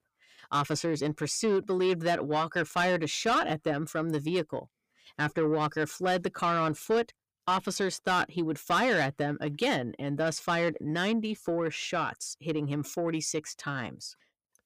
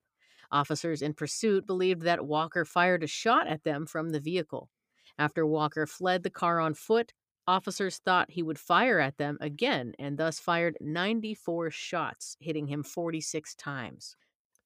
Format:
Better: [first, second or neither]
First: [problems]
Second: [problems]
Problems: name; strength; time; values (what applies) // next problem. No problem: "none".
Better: second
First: distortion; slight; 10 dB below the speech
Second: none